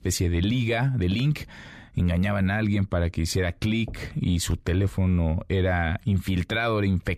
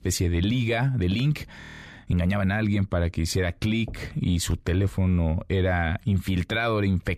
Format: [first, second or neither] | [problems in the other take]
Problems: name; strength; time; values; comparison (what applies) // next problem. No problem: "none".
first | audio freezing; at 1.5 s